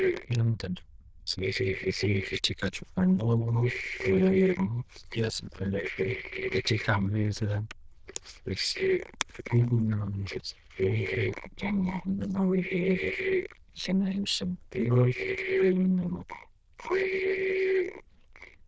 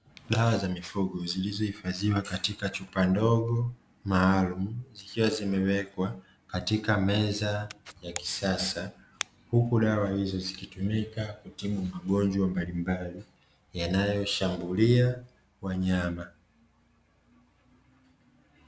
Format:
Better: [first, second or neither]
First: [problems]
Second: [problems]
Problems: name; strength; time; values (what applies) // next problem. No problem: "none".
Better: second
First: noise reduction (neural diffusion model UNIVERSE++)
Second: none